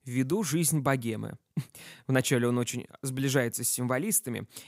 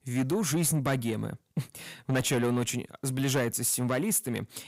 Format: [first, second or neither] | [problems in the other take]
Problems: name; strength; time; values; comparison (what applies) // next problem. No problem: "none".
first | distortion; slight; 10 dB below the speech